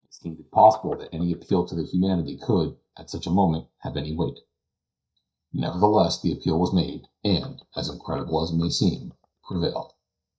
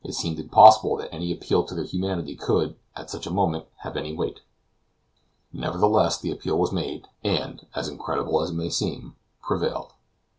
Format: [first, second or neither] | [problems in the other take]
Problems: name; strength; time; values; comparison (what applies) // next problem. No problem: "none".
second | noise reduction (neural mask model DeepFilterNet 3)